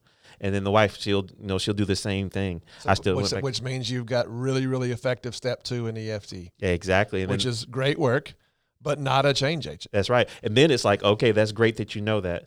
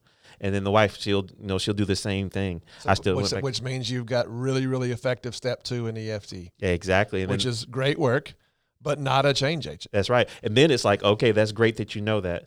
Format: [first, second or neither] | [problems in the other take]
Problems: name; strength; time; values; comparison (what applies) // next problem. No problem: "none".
neither | none